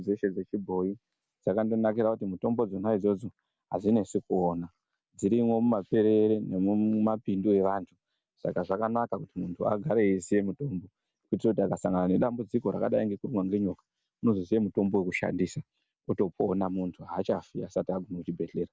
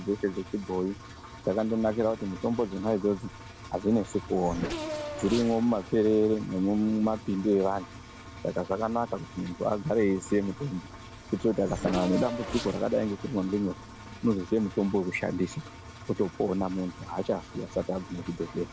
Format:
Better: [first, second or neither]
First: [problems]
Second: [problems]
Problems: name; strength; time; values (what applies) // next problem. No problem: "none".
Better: first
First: none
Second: background sound (Engine + Race car, auto racing / Accelerating, revving, vroom); 12 dB below the speech